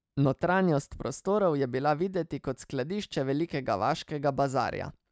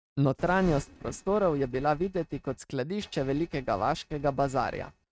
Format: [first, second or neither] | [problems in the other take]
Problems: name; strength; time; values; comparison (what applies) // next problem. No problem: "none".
first | noise reduction (neural mask model RNNoise)